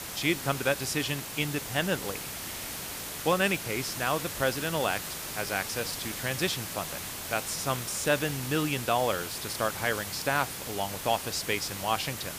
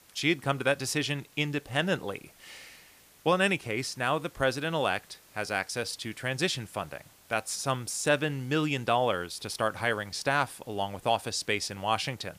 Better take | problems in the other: second | hiss; loud; throughout; 5 dB below the speech; faint in the second

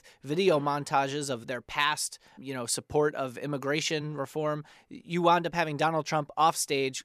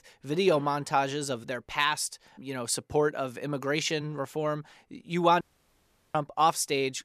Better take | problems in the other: first | audio cutting out; at 5.5 s for 0.5 s

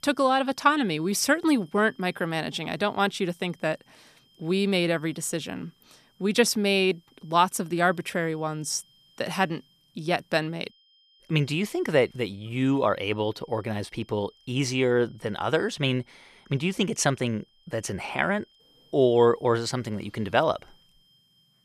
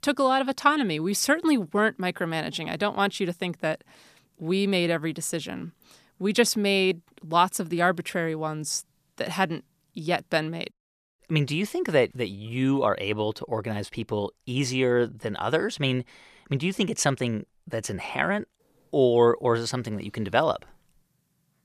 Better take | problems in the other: second | high-pitched whine; faint; throughout; 3 kHz, 35 dB below the speech

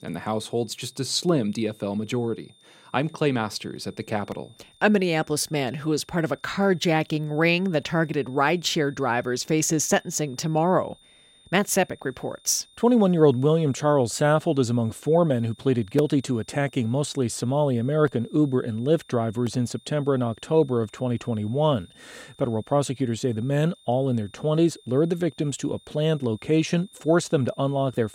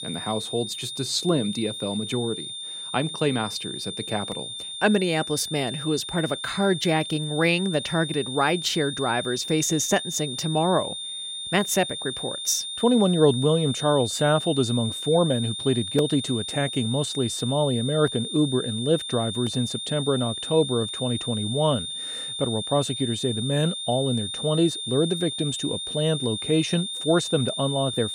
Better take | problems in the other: first | high-pitched whine; loud; throughout; 3.5 kHz, 6 dB below the speech; faint in the first

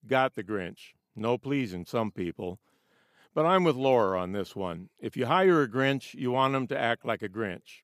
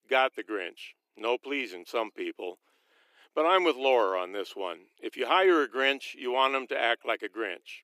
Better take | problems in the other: first | thin; somewhat; fading below 300 Hz

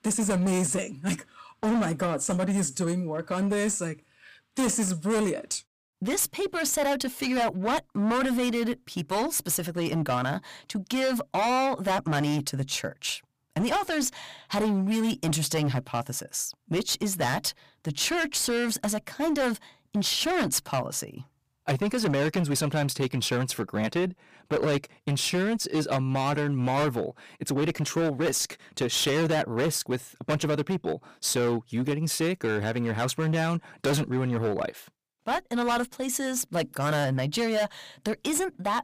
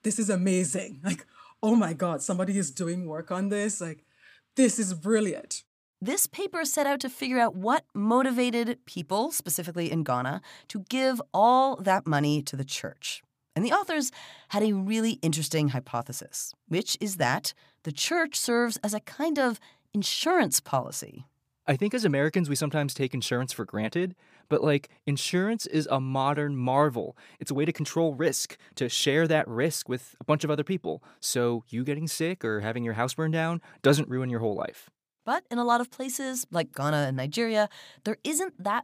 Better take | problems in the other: second | distortion; heavy; 16% of the sound clipped

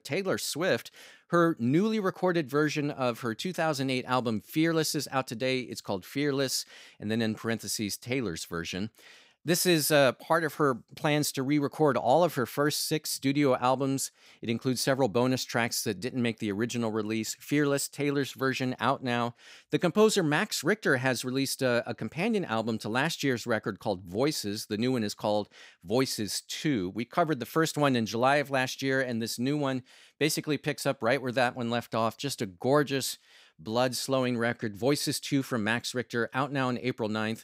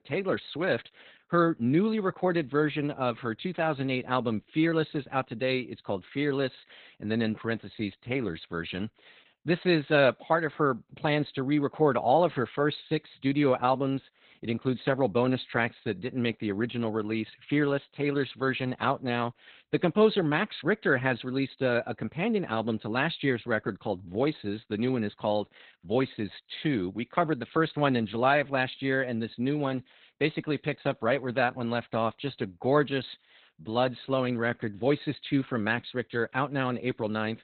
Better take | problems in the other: first | garbled, watery; badly; nothing above 4 kHz

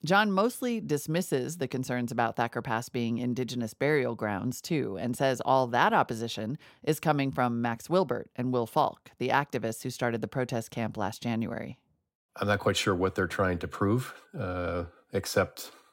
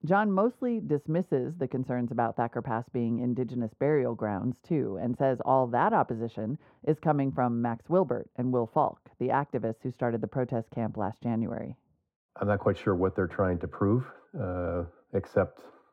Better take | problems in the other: first | muffled; very; fading above 2.5 kHz

